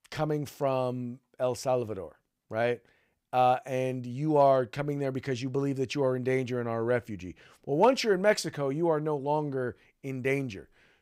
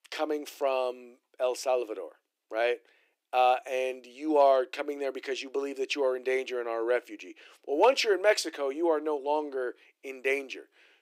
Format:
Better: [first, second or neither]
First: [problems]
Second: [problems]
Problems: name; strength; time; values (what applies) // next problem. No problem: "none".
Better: first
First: none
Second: thin; somewhat; fading below 300 Hz